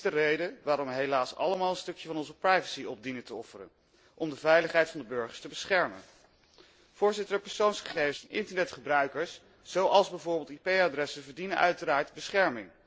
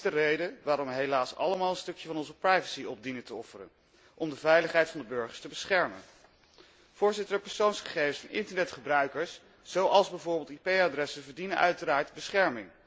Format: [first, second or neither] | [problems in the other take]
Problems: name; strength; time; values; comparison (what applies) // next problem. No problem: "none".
second | noise reduction (neural separator model SepFormer DNS4)